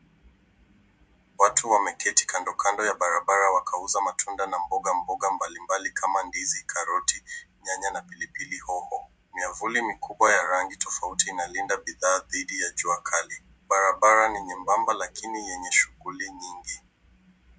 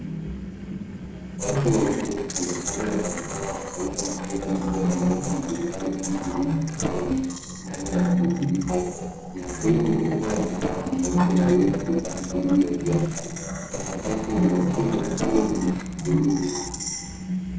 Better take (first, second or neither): first